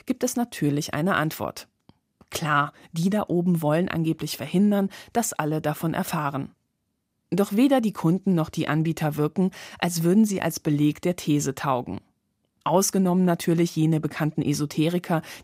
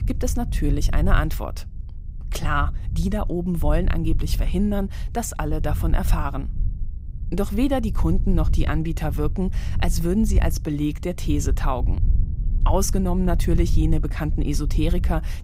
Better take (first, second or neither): first